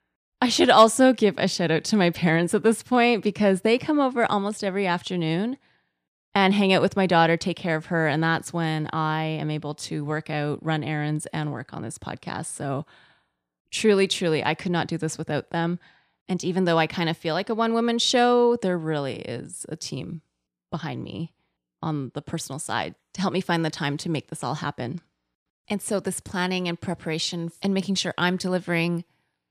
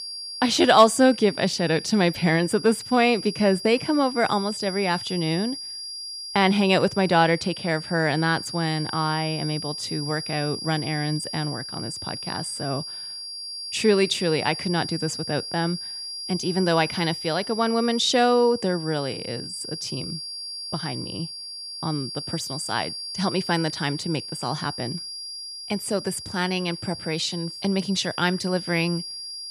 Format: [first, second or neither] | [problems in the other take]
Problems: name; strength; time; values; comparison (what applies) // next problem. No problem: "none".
first | high-pitched whine; loud; throughout; 4.5 kHz, 8 dB below the speech